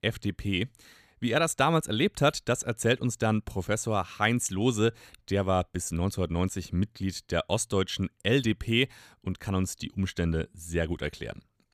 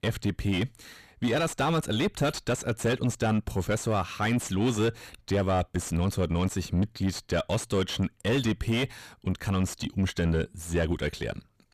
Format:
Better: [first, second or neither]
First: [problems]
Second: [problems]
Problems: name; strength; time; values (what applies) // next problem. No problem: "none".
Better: first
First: none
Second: distortion; heavy; 7 dB below the speech